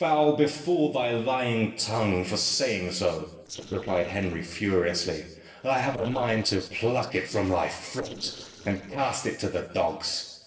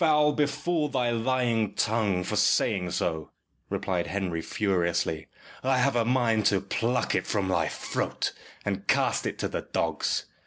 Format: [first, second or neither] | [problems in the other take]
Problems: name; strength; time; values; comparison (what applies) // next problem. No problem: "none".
second | noise reduction (neural separator model SepFormer DNS4)